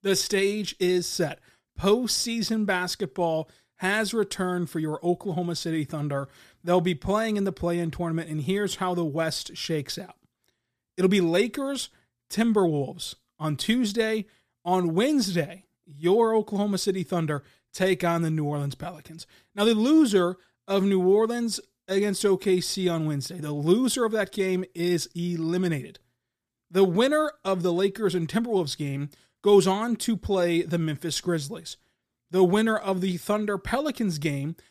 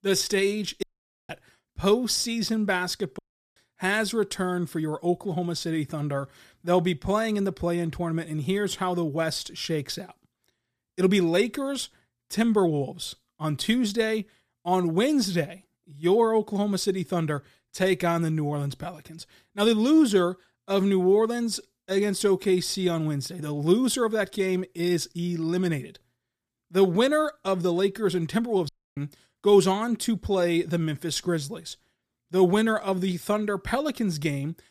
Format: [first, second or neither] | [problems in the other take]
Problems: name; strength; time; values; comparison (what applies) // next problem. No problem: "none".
first | audio cutting out; at 1 s, at 3 s and at 29 s